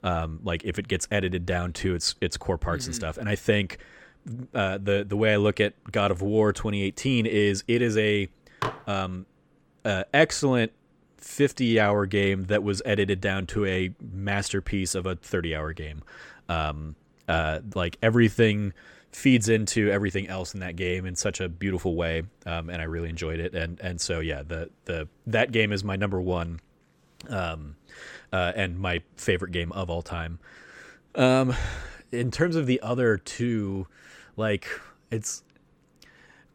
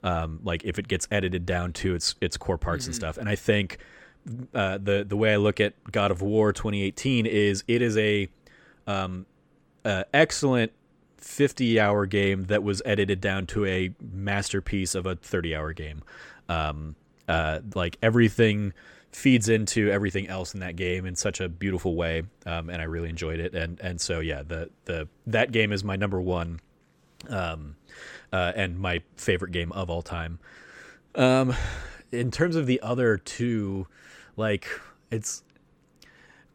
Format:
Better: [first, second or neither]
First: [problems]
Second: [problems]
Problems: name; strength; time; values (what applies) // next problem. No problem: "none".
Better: second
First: clattering dishes; noticeable; at 8.5 s; peak 6 dB below the speech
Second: none